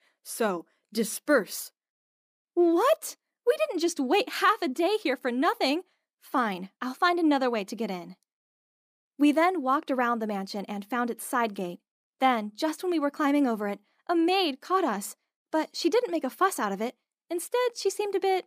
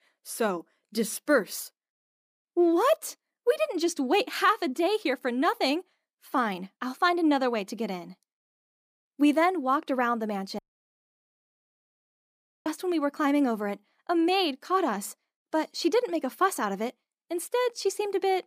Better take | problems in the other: first | audio cutting out; at 11 s for 2 s

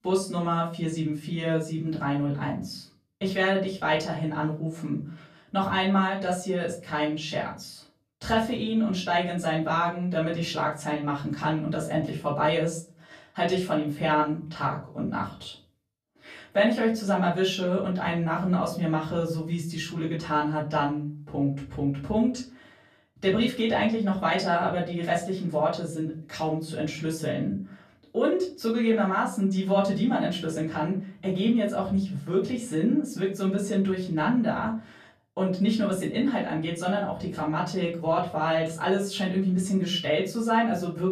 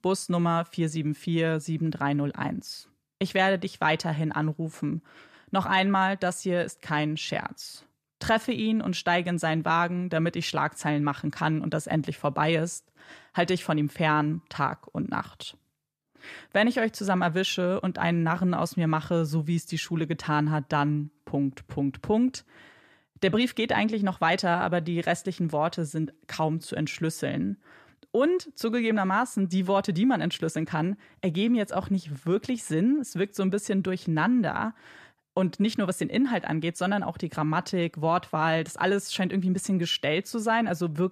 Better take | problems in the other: second | off-mic speech; far // room echo; slight; dies away in 0.3 s

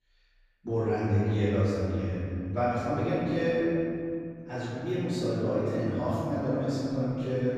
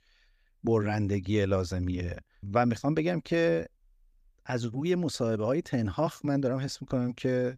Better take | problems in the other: second | room echo; strong; dies away in 2.5 s // off-mic speech; far

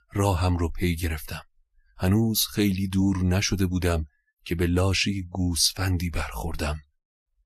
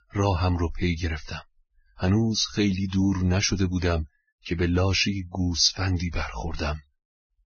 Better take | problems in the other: first | garbled, watery; badly; nothing above 6.5 kHz; slightly in the first

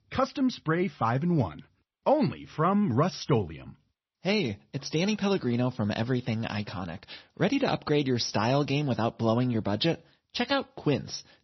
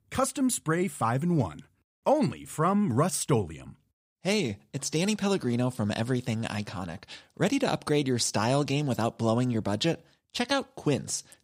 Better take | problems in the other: second | garbled, watery; slightly; nothing above 6 kHz

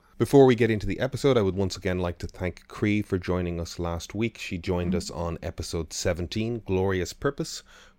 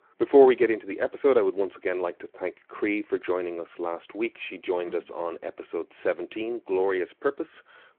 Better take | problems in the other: first | phone-call audio

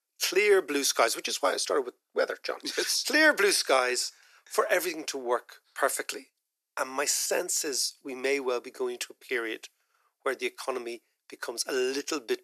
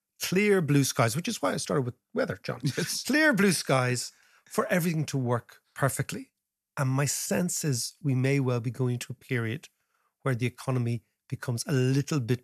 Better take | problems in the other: second | thin; very; fading below 350 Hz

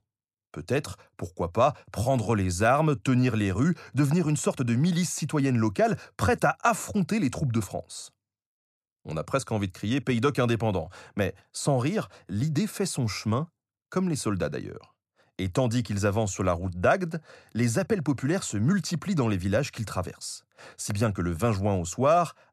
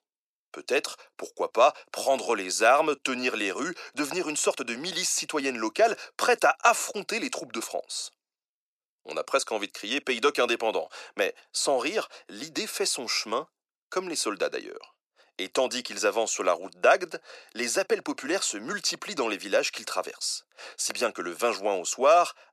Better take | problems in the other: first | thin; very; fading below 350 Hz

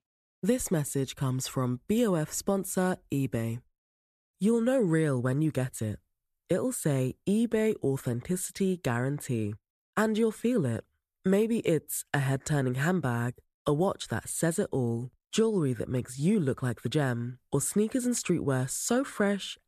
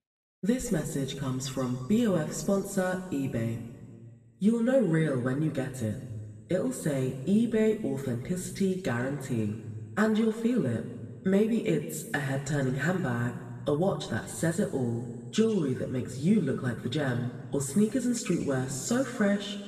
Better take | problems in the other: first | room echo; noticeable; dies away in 1.6 s // off-mic speech; far

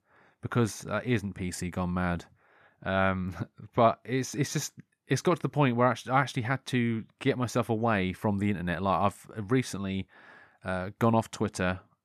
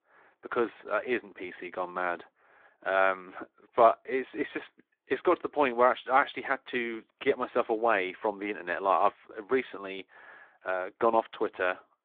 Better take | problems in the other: first | phone-call audio

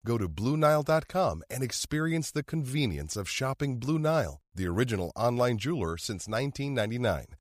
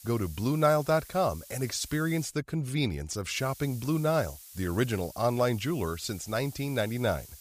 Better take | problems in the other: first | hiss; noticeable; until 2.5 s and from 3.5 s on; 15 dB below the speech

